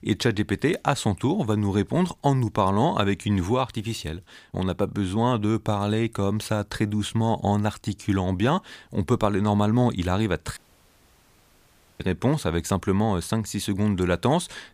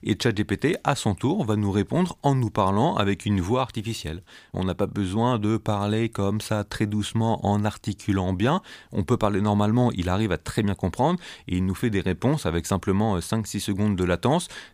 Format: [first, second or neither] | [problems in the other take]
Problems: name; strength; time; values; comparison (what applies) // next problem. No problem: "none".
second | audio cutting out; at 11 s for 1.5 s